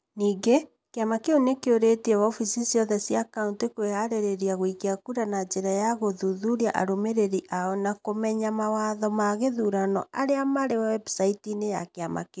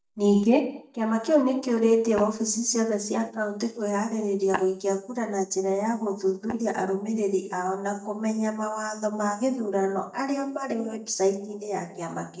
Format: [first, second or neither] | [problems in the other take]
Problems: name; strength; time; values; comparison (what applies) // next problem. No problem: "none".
first | noise reduction (neural mask model DeepFilterNet 3)